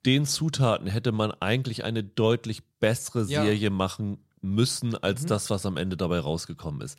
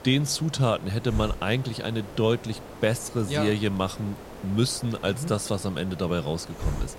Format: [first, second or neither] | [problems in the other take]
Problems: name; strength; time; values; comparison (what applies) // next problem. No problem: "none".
first | hiss; noticeable; throughout; 15 dB below the speech